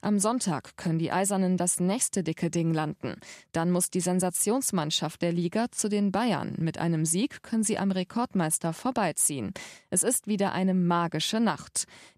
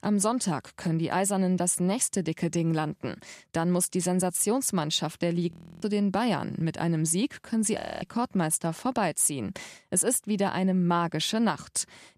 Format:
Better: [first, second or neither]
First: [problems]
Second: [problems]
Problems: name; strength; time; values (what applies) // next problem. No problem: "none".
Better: first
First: none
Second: audio freezing; at 5.5 s and at 8 s